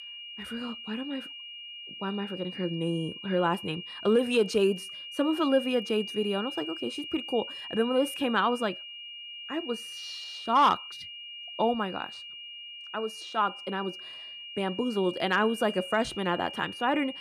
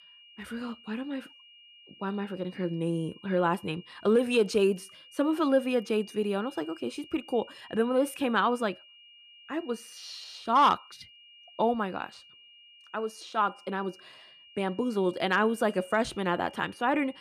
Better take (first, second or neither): second